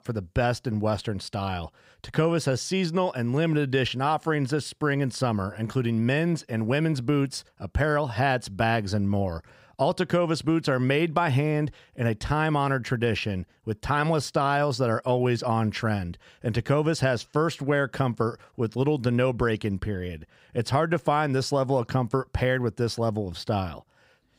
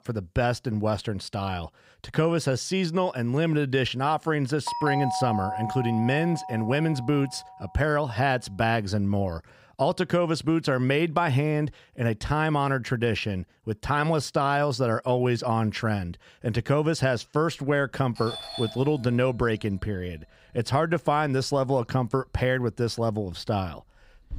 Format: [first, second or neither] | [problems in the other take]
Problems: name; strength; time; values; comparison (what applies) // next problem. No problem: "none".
first | doorbell; noticeable; from 4.5 to 7.5 s and from 18 s on; peak 2 dB below the speech